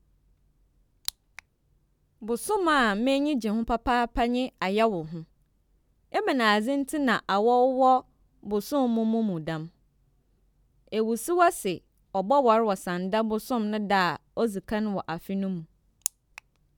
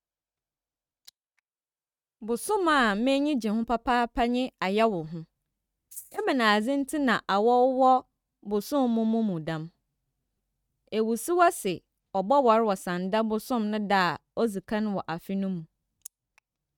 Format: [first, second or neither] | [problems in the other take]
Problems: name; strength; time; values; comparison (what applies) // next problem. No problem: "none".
first | noise reduction (neural mask model RNNoise)